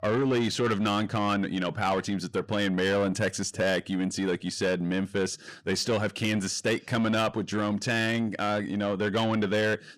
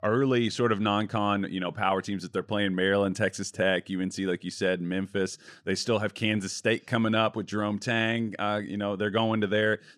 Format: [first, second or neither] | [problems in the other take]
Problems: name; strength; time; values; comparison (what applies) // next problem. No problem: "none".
second | distortion; slight; 10 dB below the speech